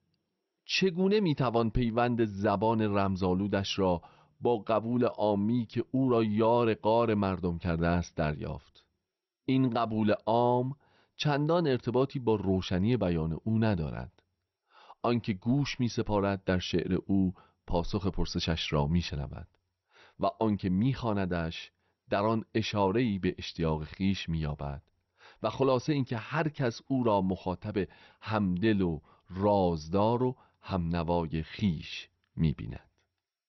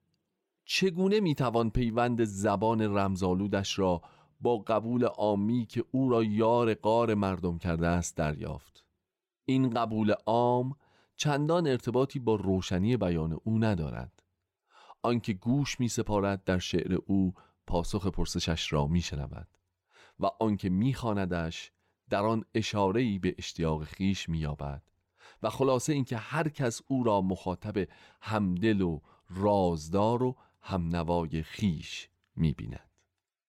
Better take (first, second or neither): second